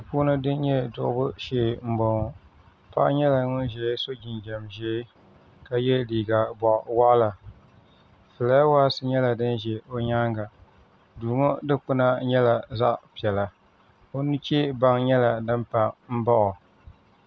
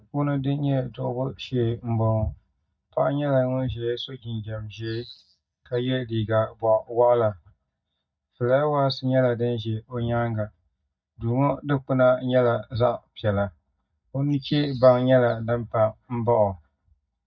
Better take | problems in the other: first | noise reduction (neural mask model DeepFilterNet 3)

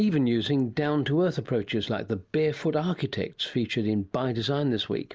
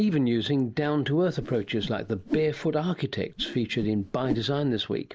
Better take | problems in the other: first | background sound (Whoosh, swoosh, swish); 11 dB below the speech

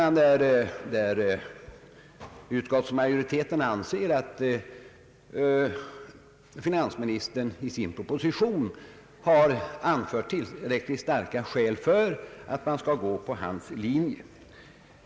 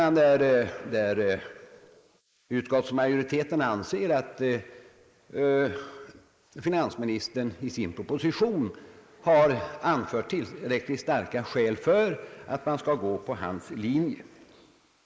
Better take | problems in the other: first | noise reduction (neural mask model Resemble Enhance denoiser)

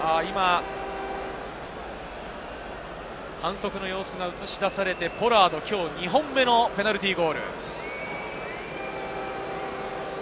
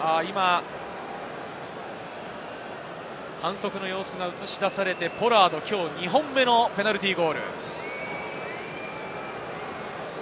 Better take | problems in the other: second | background sound (Train); 13 dB below the speech

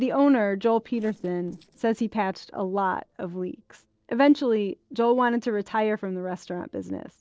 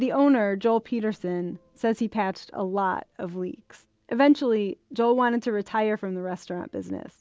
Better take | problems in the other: second | noise reduction (neural separator model SepFormer DNS4)

